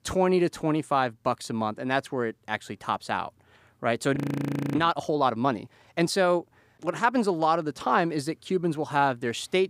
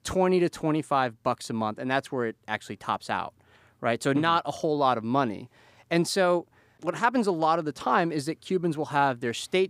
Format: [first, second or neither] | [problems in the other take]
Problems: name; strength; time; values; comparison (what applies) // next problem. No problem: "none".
second | audio freezing; at 4 s for 0.5 s